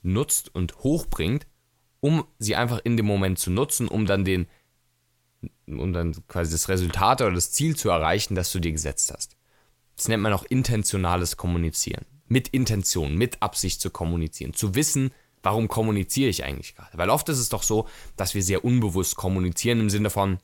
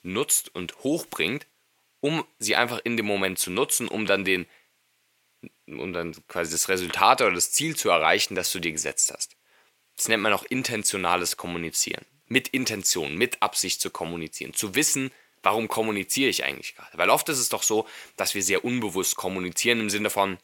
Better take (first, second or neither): first